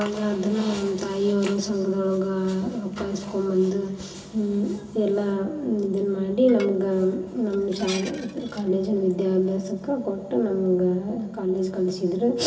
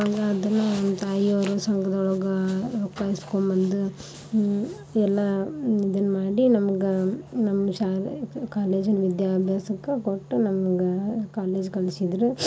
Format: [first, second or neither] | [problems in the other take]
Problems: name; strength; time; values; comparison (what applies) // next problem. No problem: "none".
second | background sound (Dishes, pots, and pans); 18 dB below the speech // room echo; dies away in 1.2 s